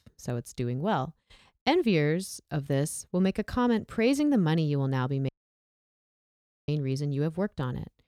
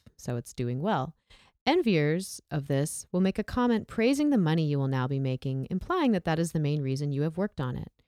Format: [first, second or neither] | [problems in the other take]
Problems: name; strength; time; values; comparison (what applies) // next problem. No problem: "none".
second | audio cutting out; at 5.5 s for 1.5 s